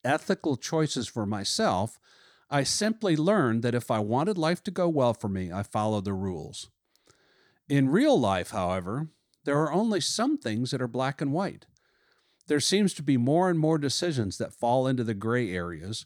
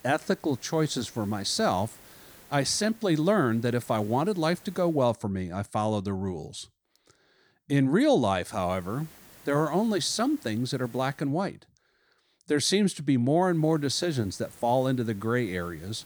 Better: first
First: none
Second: hiss; faint; until 5 s, from 8.5 to 11 s and from 13 s on; 25 dB below the speech

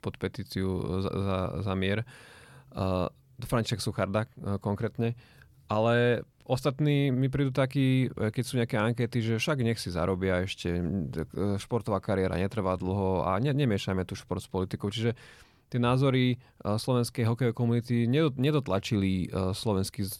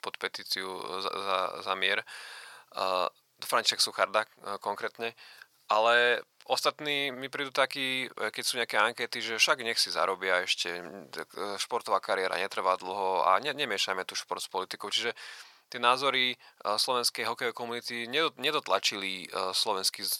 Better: first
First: none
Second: thin; very; fading below 900 Hz

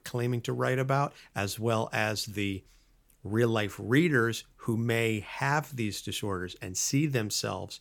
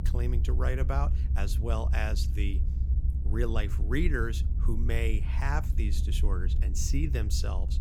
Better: first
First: none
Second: low rumble; noticeable; throughout; 10 dB below the speech

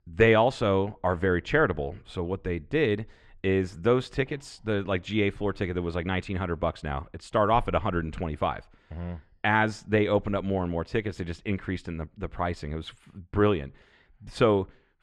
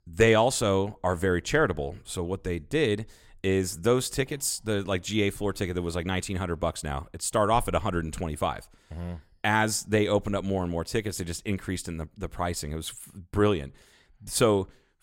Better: second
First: muffled; slightly; fading above 2.5 kHz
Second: none

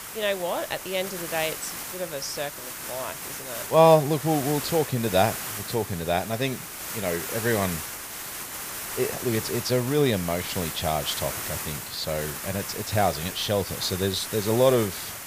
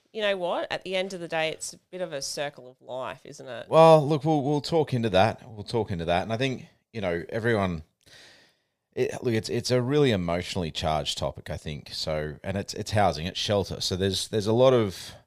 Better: second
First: hiss; loud; throughout; 7 dB below the speech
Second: none

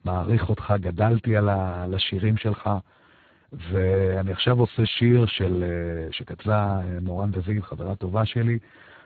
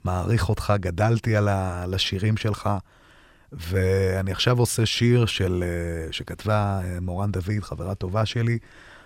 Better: second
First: garbled, watery; badly; nothing above 3.5 kHz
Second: none

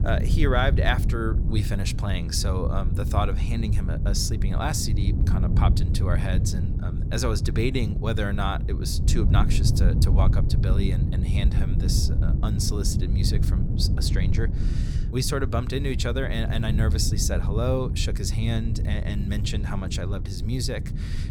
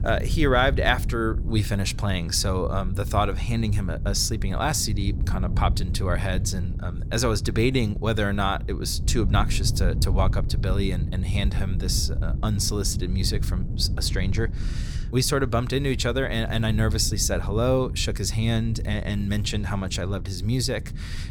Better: second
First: wind noise on the microphone; heavy; 8 dB below the speech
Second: wind noise on the microphone; occasional gusts; 15 dB below the speech

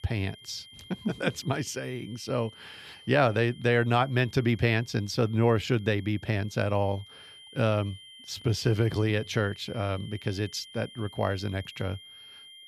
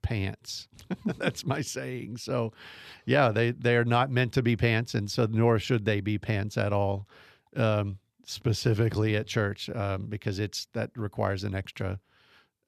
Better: second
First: high-pitched whine; noticeable; throughout; 3 kHz, 20 dB below the speech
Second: none

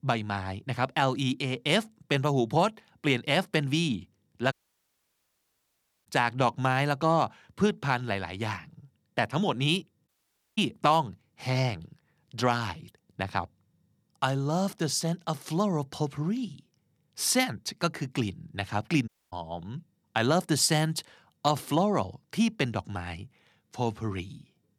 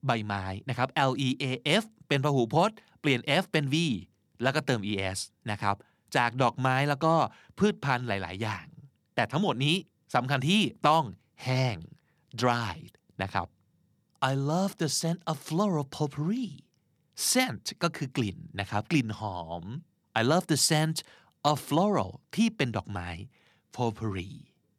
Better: second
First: audio cutting out; at 4.5 s for 1.5 s, at 10 s and at 19 s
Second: none

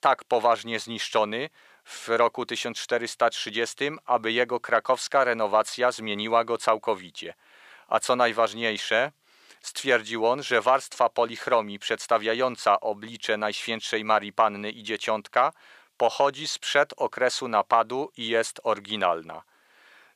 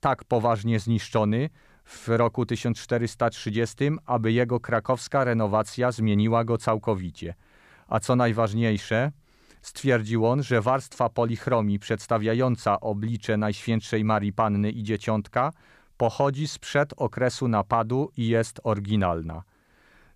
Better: second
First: thin; very; fading below 550 Hz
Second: none

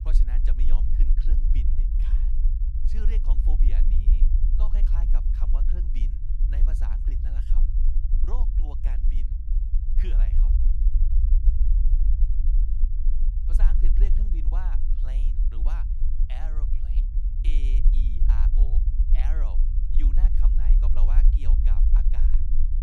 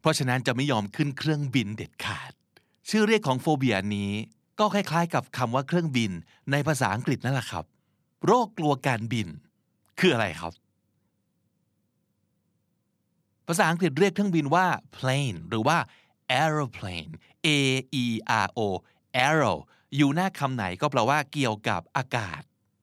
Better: second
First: low rumble; loud; throughout; 1 dB below the speech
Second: none

